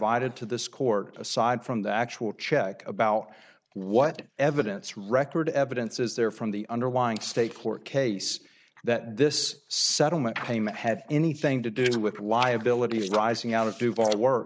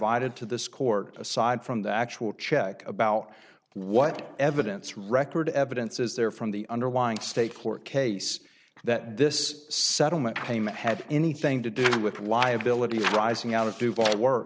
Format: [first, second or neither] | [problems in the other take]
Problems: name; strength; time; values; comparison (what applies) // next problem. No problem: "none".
second | noise reduction (neural mask model Resemble Enhance denoiser)